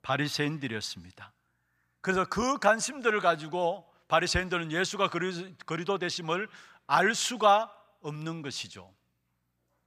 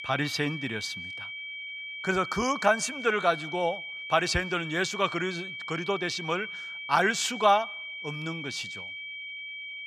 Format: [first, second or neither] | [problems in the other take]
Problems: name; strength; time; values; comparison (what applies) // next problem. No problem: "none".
first | high-pitched whine; loud; throughout; 2.5 kHz, 8 dB below the speech